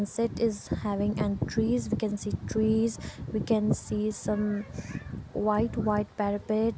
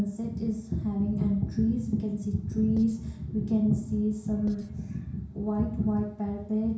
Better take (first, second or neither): first